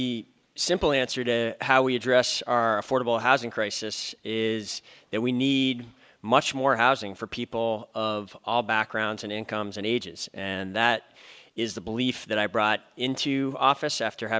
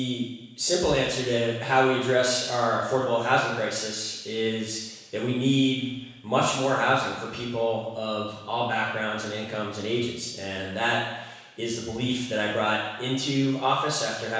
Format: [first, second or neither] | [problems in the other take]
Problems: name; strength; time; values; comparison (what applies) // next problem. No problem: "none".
first | room echo; dies away in 1.1 s